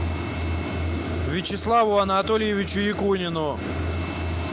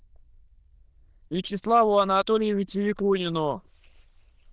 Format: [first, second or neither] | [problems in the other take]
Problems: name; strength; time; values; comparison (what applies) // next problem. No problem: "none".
first | noise reduction (neural diffusion model UNIVERSE++)